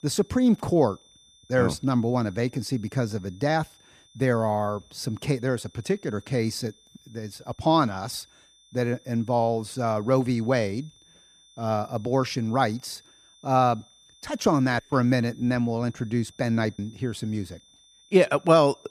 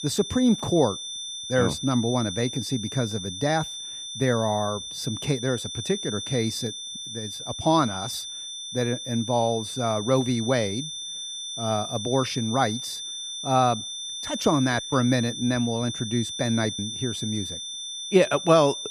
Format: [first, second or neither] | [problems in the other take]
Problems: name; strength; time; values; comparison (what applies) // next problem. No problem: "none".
first | high-pitched whine; loud; throughout; 3.5 kHz, 7 dB below the speech; faint in the first